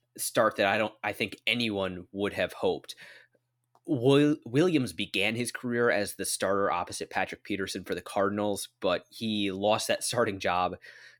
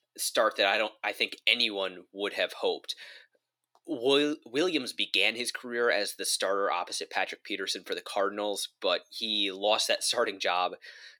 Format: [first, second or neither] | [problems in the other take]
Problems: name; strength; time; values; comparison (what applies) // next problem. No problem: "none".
first | thin; somewhat; fading below 400 Hz